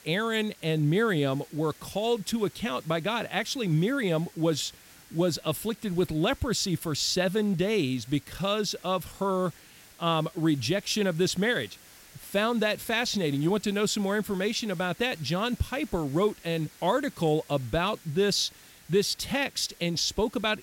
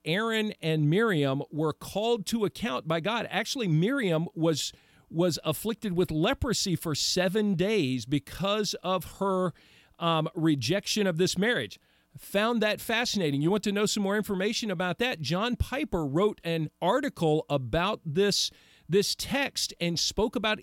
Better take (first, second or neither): second